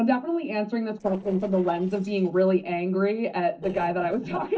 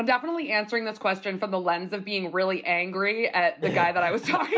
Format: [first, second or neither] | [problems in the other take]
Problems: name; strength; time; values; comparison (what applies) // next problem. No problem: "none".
second | noise reduction (neural separator model SepFormer DNS4)